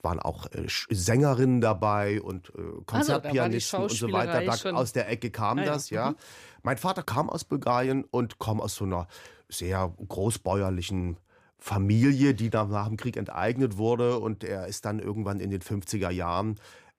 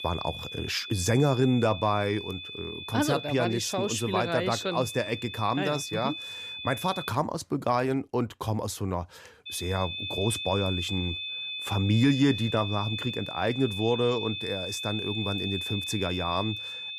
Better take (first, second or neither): first